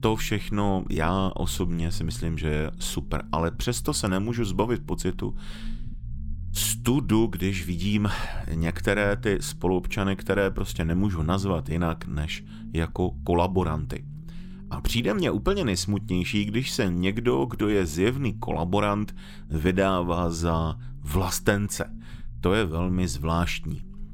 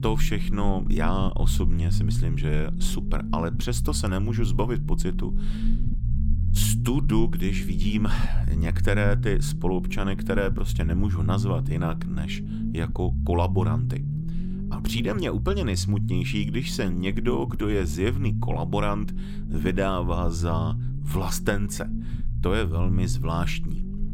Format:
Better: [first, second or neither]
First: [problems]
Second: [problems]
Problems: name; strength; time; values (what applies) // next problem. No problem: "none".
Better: first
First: low rumble; faint; throughout; 25 dB below the speech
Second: low rumble; loud; throughout; 9 dB below the speech